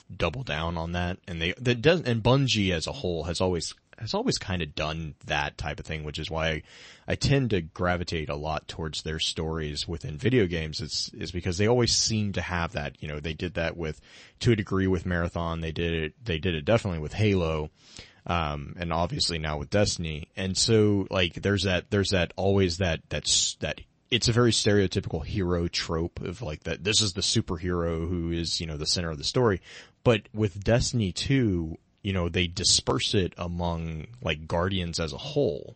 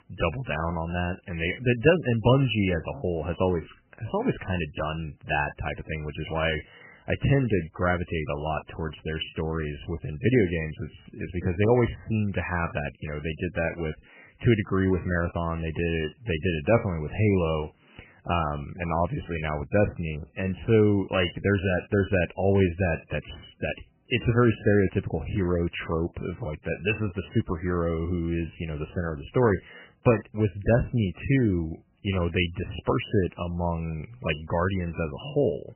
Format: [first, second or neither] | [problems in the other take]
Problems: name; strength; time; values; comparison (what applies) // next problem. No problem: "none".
first | garbled, watery; badly; nothing above 3 kHz; slightly in the first